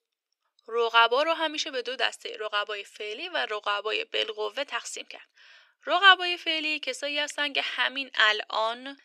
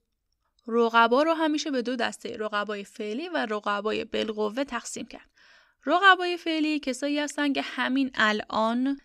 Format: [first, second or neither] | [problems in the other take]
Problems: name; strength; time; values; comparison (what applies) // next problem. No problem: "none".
second | thin; very; fading below 400 Hz